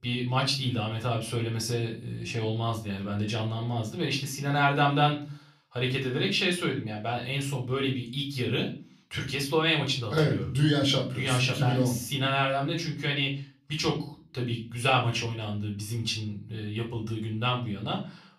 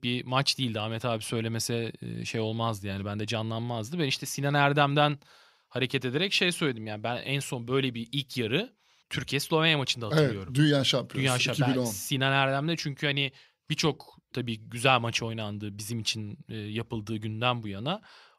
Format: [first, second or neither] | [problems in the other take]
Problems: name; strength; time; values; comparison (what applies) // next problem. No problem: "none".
second | off-mic speech; far // room echo; slight; dies away in 0.4 s